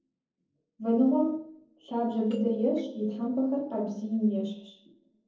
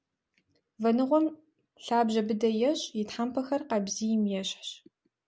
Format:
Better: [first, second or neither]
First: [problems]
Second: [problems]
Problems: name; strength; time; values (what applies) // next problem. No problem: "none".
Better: second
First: noise reduction (neural separator model SepFormer DNS4)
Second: none